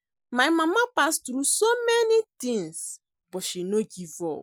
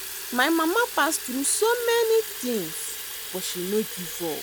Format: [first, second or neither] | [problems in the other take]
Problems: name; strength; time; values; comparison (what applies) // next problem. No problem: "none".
first | background sound (Fill (with liquid) / Water tap, faucet); 9 dB below the speech